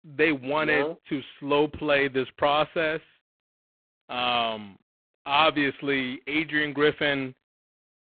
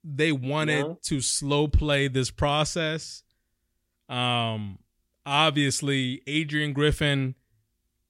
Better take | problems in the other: second | phone-call audio; poor line

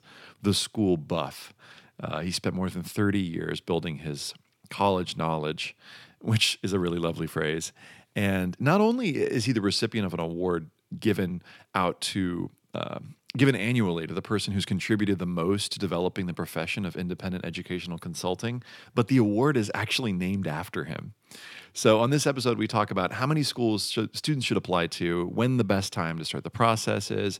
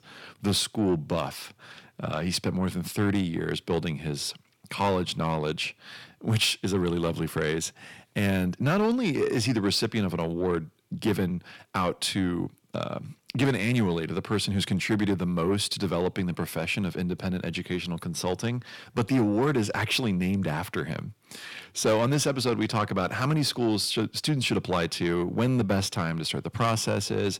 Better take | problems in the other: first | distortion; slight; 10 dB below the speech

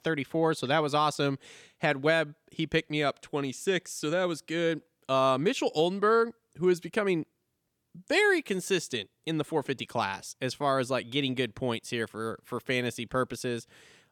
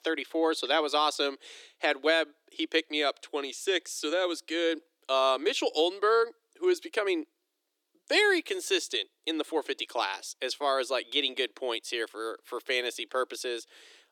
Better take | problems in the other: first | thin; somewhat; fading below 300 Hz

